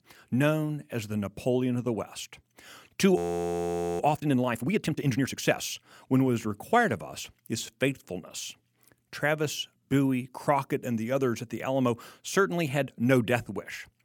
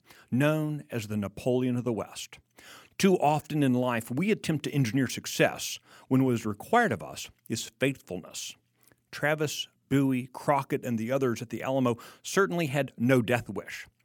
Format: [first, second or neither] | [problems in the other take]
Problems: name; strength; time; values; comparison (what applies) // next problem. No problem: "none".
second | audio freezing; at 3 s for 1 s